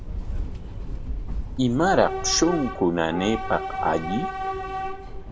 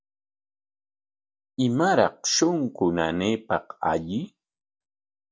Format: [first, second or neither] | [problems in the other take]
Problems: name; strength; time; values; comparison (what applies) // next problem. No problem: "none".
second | background sound (Subway, metro, underground / Train); 4 dB below the speech